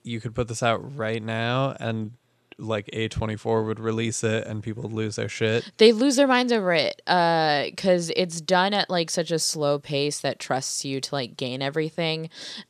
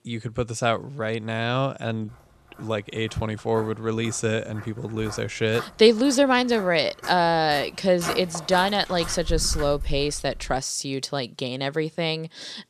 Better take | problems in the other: first | footsteps; noticeable; from 3.5 to 11 s; peak 7 dB below the speech

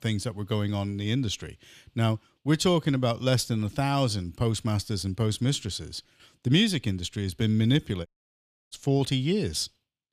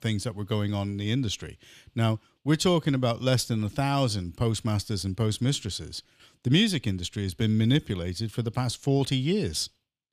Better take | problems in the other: second | audio cutting out; at 8 s for 0.5 s

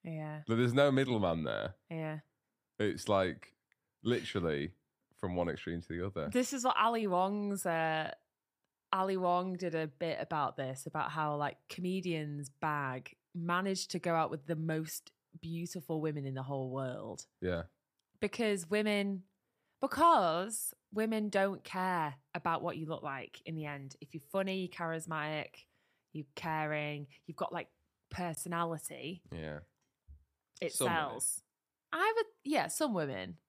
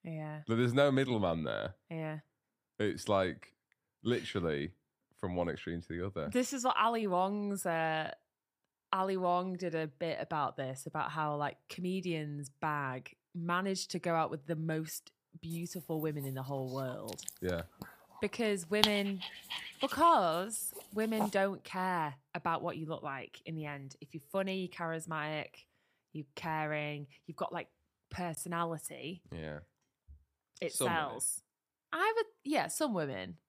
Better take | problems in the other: first | dog barking; loud; from 17 to 21 s; peak 5 dB above the speech

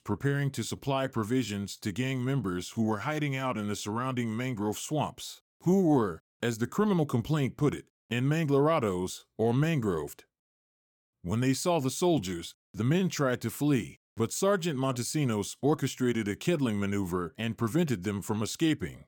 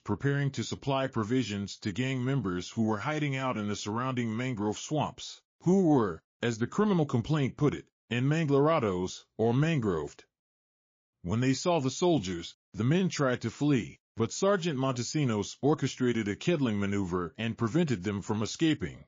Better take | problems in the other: first | garbled, watery; slightly

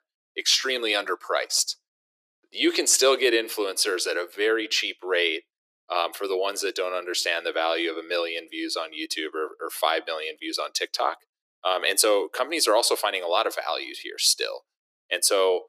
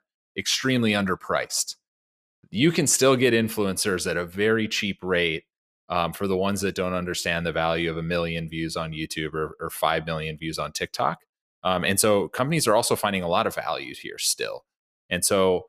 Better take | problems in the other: second | thin; very; fading below 300 Hz

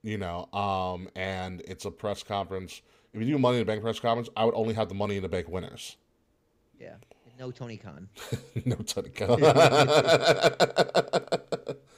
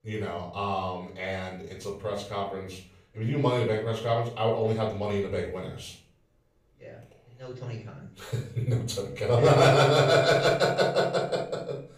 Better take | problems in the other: first | off-mic speech; far // room echo; noticeable; dies away in 0.4 s

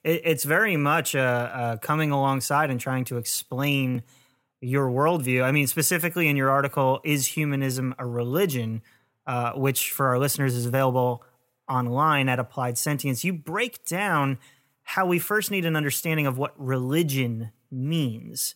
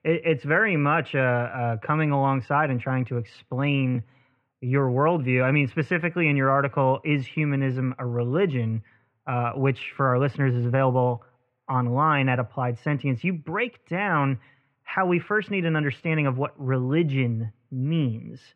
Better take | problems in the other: first | muffled; very; fading above 2.5 kHz

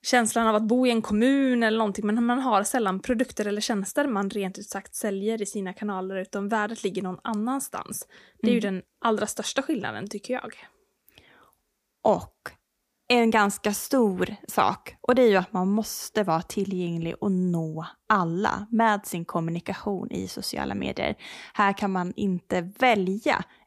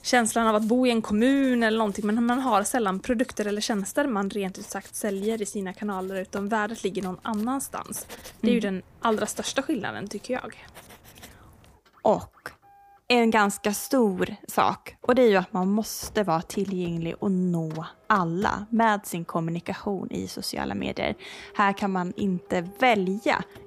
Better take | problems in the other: first | household noises; faint; throughout; 25 dB below the speech

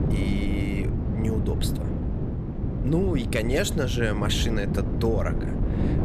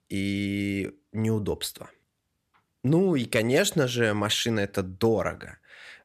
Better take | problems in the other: second | wind noise on the microphone; heavy; 6 dB below the speech

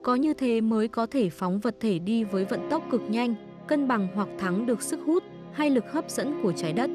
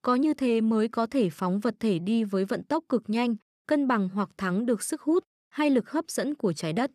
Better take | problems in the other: second | background music; noticeable; throughout; 10 dB below the speech

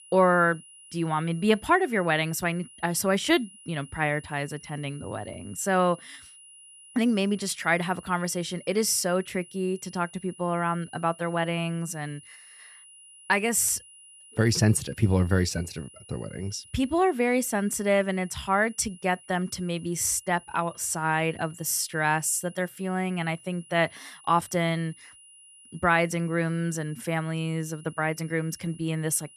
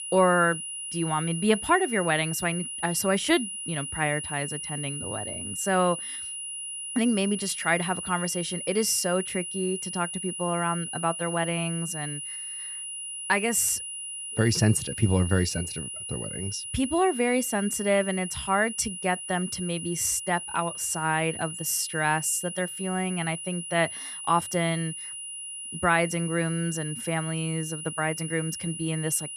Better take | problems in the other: first | high-pitched whine; loud; throughout; 10.5 kHz, 6 dB below the speech; faint in the first

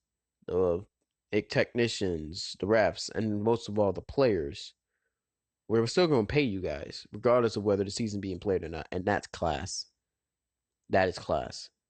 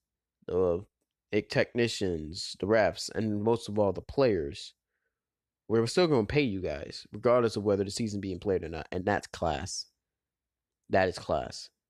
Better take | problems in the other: second | garbled, watery; slightly; nothing above 8.5 kHz

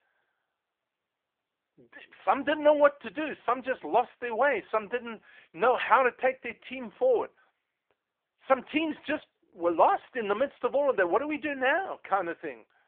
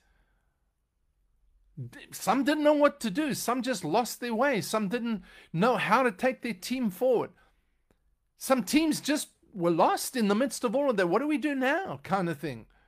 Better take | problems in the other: second | phone-call audio; poor line

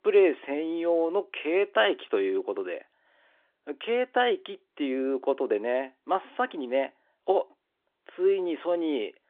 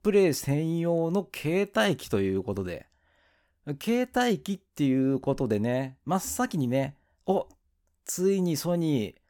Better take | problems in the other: second | phone-call audio; nothing above 3.5 kHz

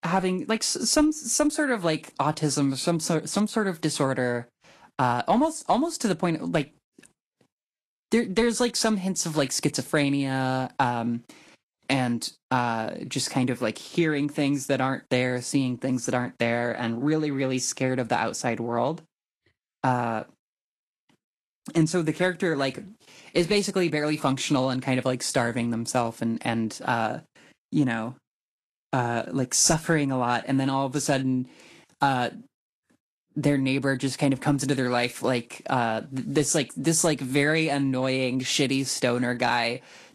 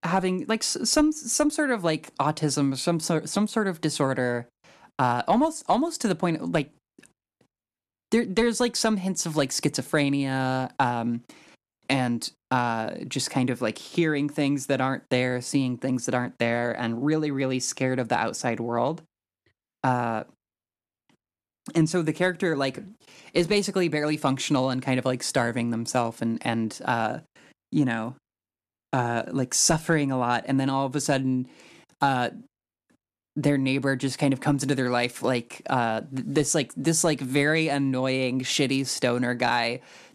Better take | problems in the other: second | garbled, watery; slightly

